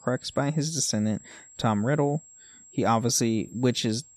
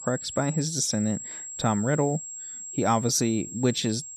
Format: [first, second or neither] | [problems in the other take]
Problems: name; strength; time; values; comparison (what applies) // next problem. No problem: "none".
first | high-pitched whine; loud; throughout; 7.5 kHz, 9 dB below the speech; faint in the first